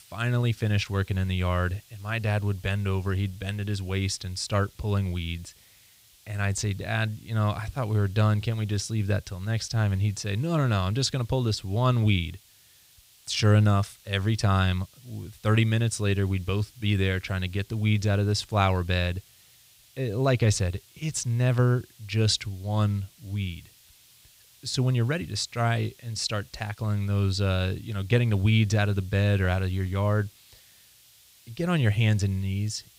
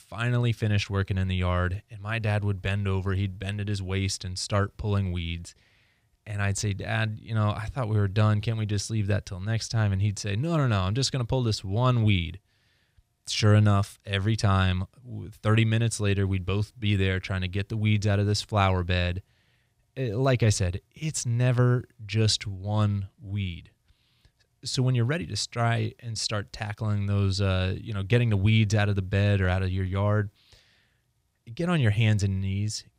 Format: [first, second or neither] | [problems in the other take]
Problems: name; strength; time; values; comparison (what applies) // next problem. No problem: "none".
second | hiss; faint; throughout; 25 dB below the speech